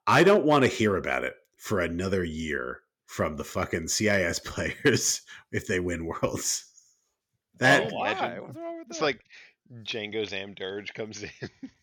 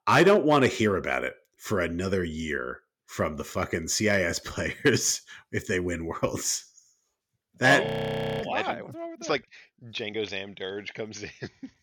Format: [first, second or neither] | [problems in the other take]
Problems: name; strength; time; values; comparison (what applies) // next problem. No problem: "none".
first | audio freezing; at 8 s for 0.5 s